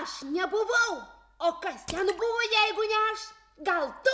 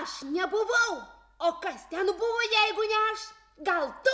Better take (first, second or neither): second